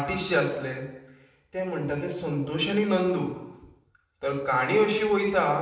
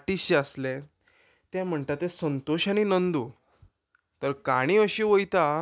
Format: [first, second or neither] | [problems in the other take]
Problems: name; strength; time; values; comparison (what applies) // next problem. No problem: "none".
second | room echo; dies away in 0.8 s